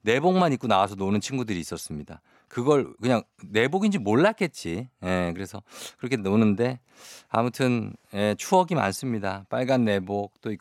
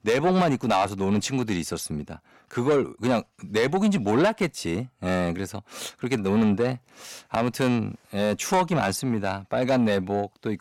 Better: first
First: none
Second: distortion; slight; 10 dB below the speech

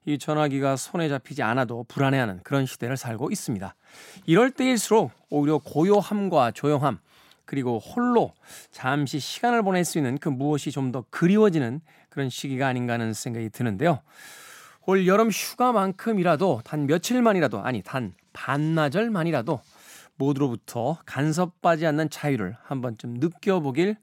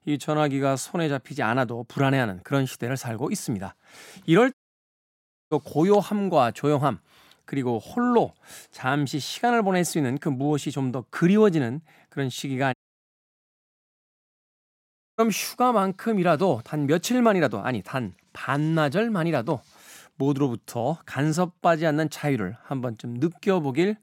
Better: first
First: none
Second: audio cutting out; at 4.5 s for 1 s and at 13 s for 2.5 s

